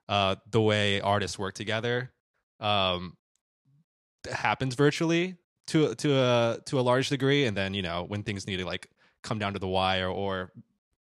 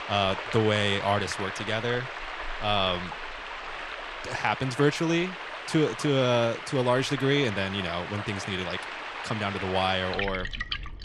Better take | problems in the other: first | rain or running water; loud; throughout; 7 dB below the speech

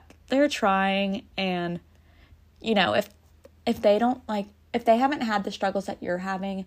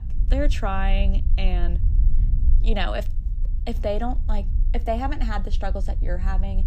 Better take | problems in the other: first | low rumble; noticeable; throughout; 15 dB below the speech

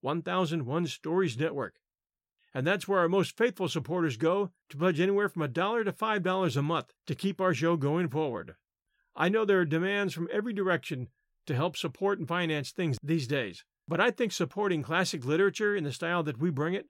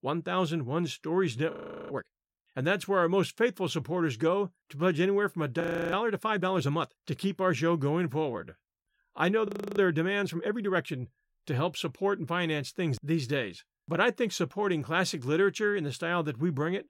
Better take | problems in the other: first | audio freezing; at 1.5 s, at 5.5 s and at 9.5 s

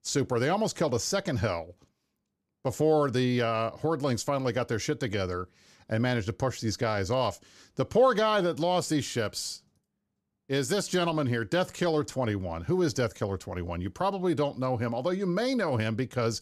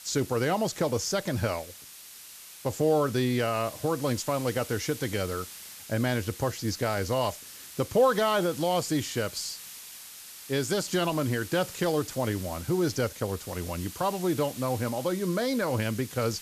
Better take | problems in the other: first | hiss; noticeable; throughout; 15 dB below the speech

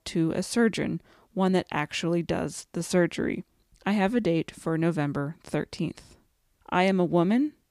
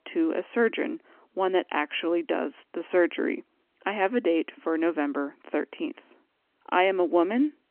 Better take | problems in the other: first | phone-call audio

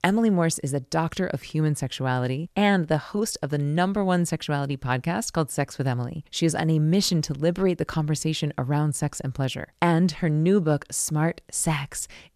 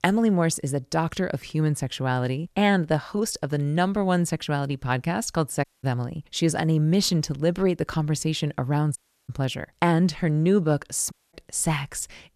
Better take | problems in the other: first | audio cutting out; at 5.5 s, at 9 s and at 11 s

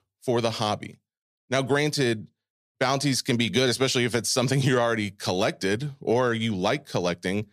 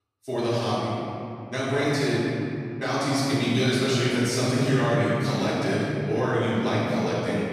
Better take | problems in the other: first | off-mic speech; far // room echo; strong; dies away in 3 s

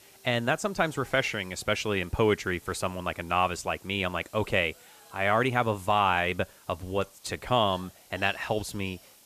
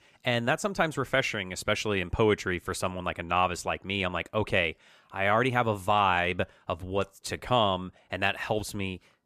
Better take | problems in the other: second | hiss; faint; throughout; 25 dB below the speech

